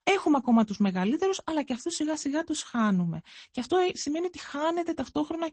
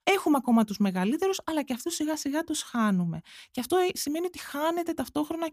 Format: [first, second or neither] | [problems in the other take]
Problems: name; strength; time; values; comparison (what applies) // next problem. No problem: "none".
second | garbled, watery; slightly; nothing above 8.5 kHz